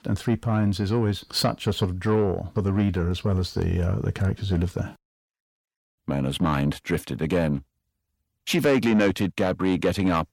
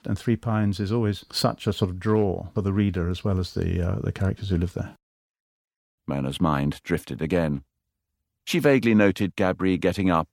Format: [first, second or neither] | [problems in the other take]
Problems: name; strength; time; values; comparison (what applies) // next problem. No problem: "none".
second | distortion; slight; 10 dB below the speech